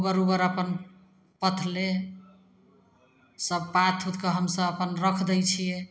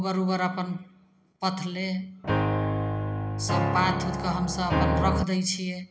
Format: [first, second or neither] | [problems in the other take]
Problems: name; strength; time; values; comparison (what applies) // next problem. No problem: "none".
first | background sound (Piano); 3 dB above the speech